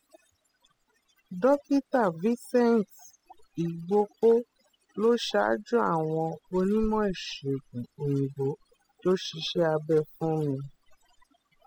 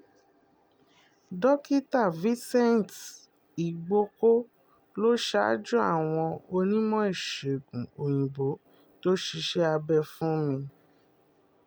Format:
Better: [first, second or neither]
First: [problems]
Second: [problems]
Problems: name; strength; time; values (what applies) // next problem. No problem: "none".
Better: second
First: noise reduction (classical method spectral subtraction)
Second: none